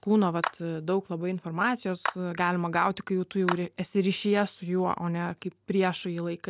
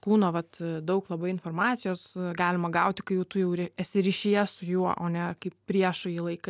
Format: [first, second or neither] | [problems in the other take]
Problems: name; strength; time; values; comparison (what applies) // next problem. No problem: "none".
second | background sound (Clapping); 11 dB below the speech